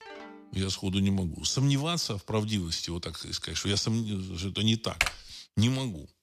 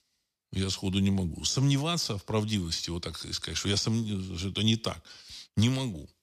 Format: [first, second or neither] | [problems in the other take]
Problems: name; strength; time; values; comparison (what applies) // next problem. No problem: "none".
second | phone ringing; faint; at the start; peak 15 dB below the speech // keyboard typing; loud; at 5 s; peak level with the speech